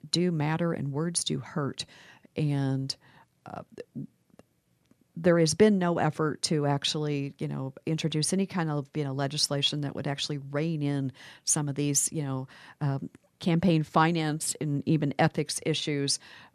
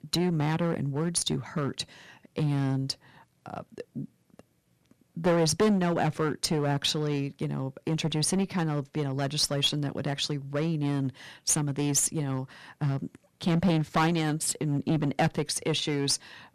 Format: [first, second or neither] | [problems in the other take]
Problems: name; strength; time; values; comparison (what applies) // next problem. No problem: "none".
first | distortion; slight; 6% of the sound clipped